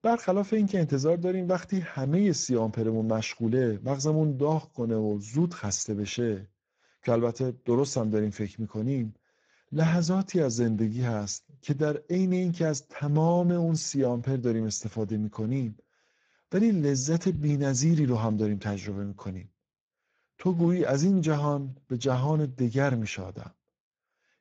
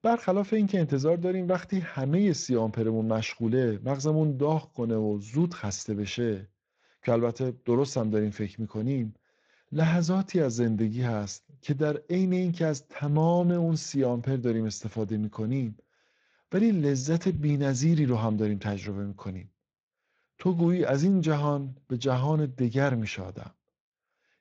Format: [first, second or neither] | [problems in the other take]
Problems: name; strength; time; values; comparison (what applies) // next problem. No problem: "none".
second | garbled, watery; badly; slightly in the second